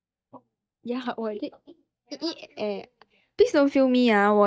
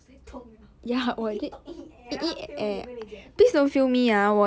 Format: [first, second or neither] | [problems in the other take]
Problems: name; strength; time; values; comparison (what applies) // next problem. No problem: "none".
second | noise reduction (neural mask model DeepFilterNet 3)